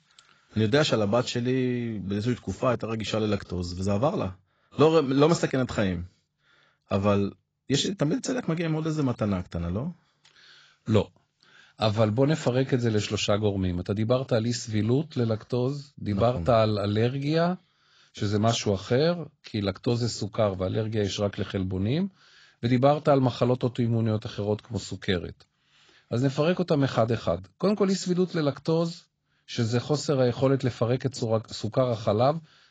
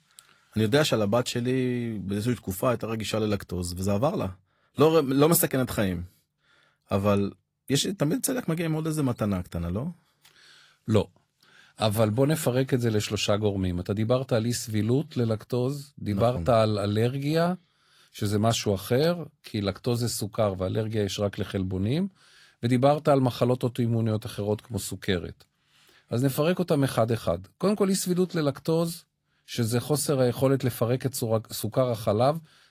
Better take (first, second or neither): second